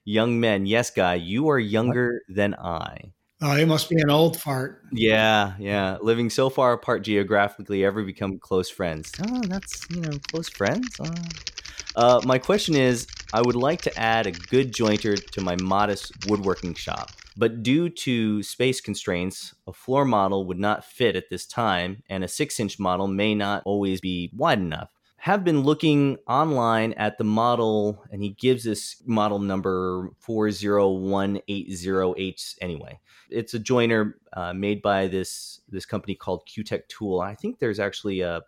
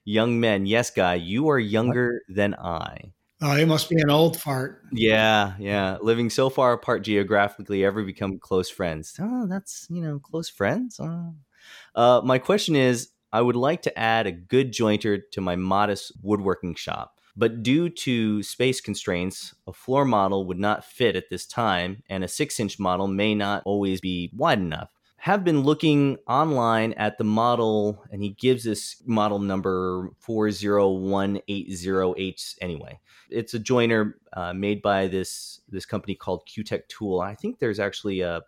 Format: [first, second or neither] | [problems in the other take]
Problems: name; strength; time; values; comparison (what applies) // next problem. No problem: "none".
second | keyboard typing; noticeable; from 9 to 17 s; peak 9 dB below the speech